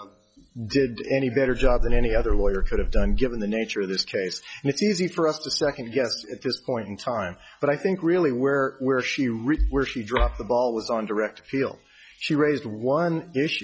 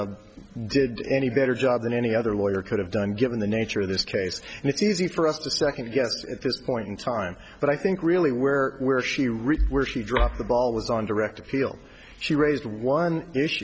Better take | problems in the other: second | noise reduction (classical method log-MMSE)

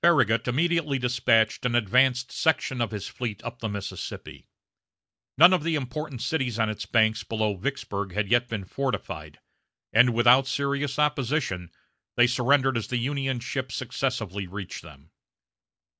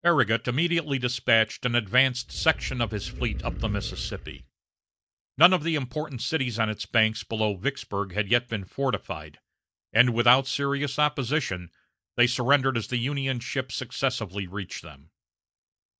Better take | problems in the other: first | noise reduction (neural mask model DeepFilterNet 3)

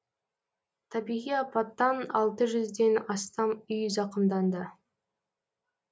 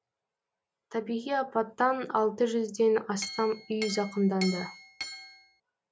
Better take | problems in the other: first | background sound (Chink, clink); 11 dB below the speech

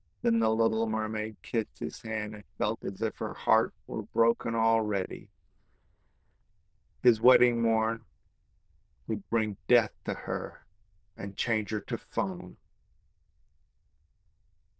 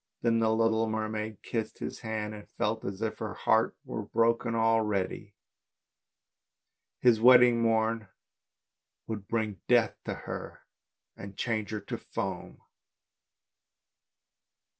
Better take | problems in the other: second | noise reduction (neural diffusion model UNIVERSE++)

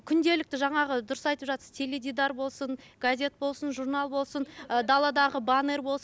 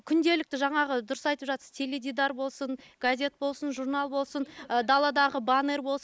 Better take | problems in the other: first | noise reduction (neural mask model Resemble Enhance denoiser)

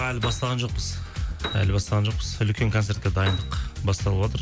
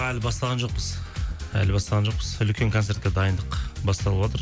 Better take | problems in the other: second | background sound (Piano); 14 dB below the speech

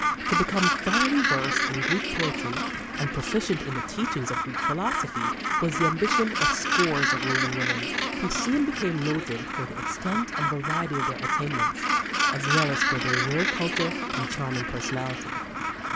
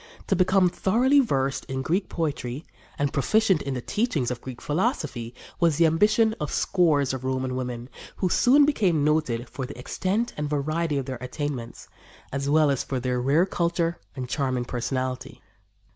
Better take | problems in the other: second | background sound (Gull, seagull); 3 dB above the speech

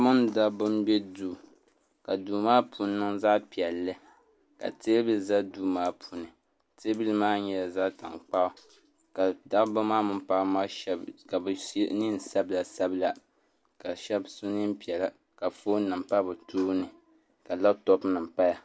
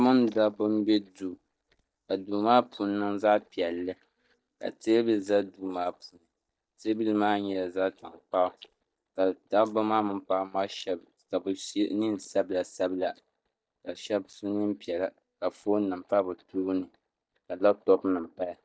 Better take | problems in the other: first | noise reduction (neural mask model DeepFilterNet 3)

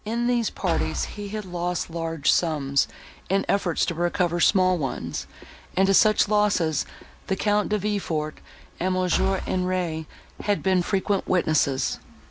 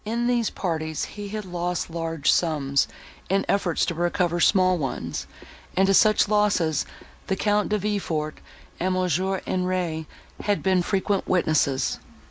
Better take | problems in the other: second | background sound (Engine / Car); 5 dB below the speech

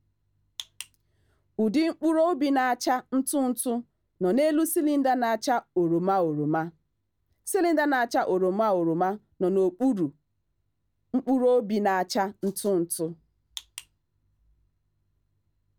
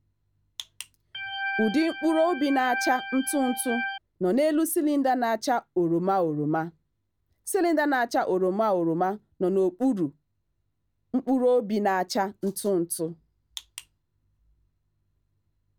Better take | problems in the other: first | background sound (Organ); 6 dB below the speech

